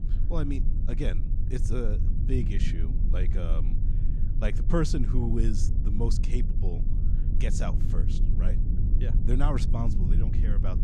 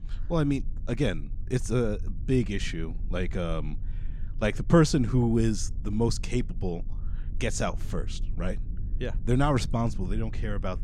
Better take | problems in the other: second | low rumble; loud; throughout; 7 dB below the speech; faint in the second

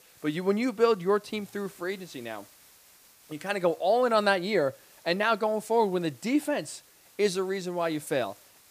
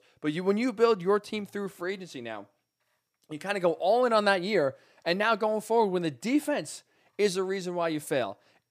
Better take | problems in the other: second | hiss; faint; throughout; 25 dB below the speech

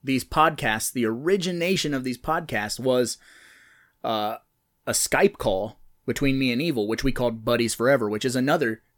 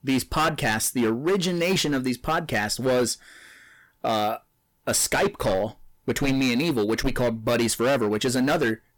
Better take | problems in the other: first | distortion; heavy; 13% of the sound clipped

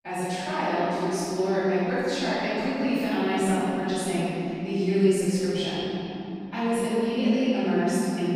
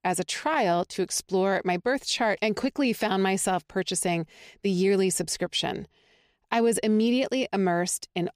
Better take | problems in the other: second | off-mic speech; far // room echo; strong; dies away in 3 s

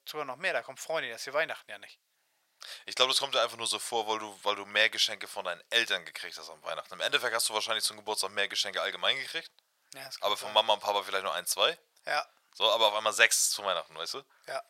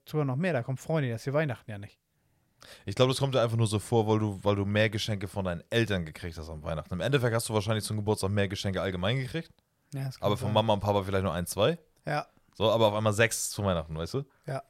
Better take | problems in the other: second | thin; very; fading below 900 Hz

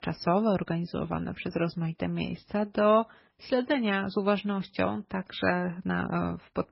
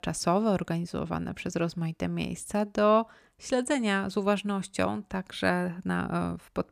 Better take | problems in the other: second | garbled, watery; badly; nothing above 5.5 kHz

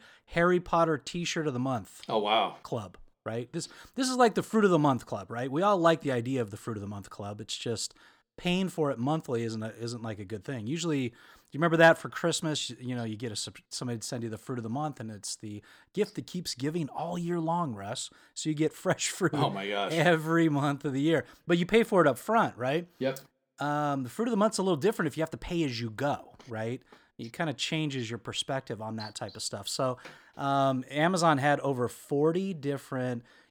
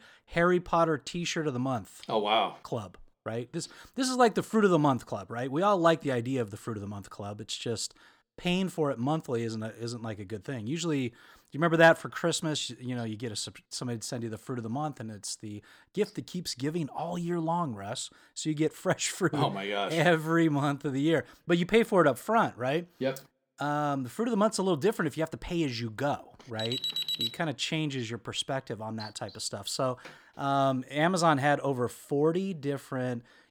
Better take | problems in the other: first | alarm; loud; at 27 s; peak 1 dB above the speech

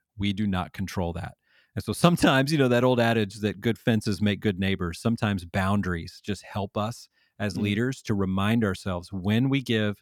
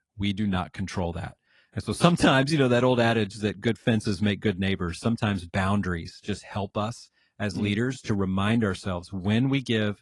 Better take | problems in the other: first | garbled, watery; slightly; nothing above 10.5 kHz

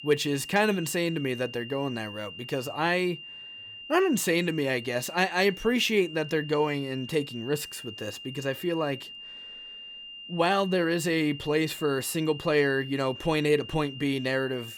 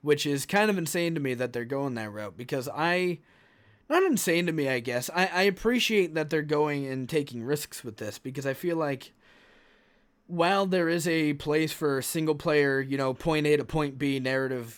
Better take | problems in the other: second | high-pitched whine; noticeable; throughout; 3 kHz, 15 dB below the speech

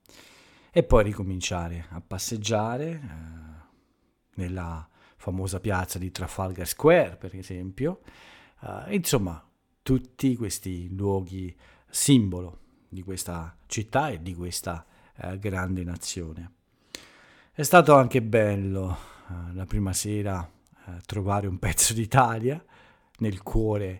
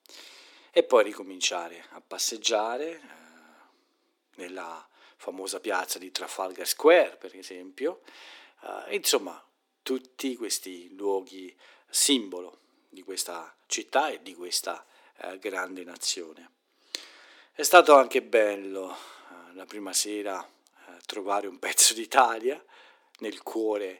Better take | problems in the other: first | thin; somewhat; fading below 300 Hz

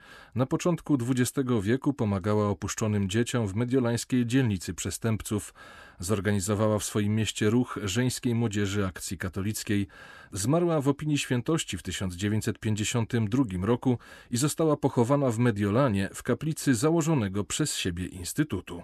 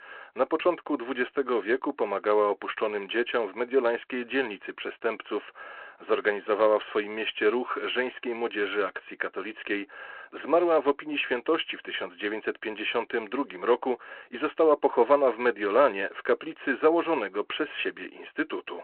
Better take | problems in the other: first | phone-call audio

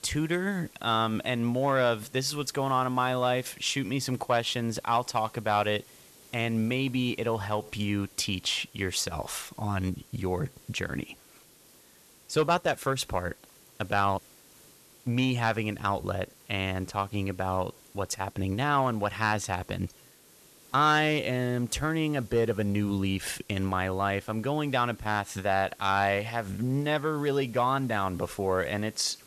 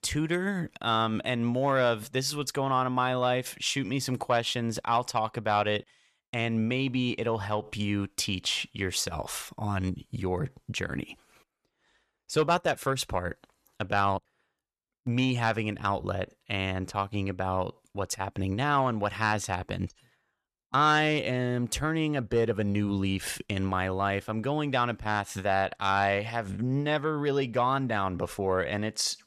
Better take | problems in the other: second | hiss; faint; throughout; 25 dB below the speech

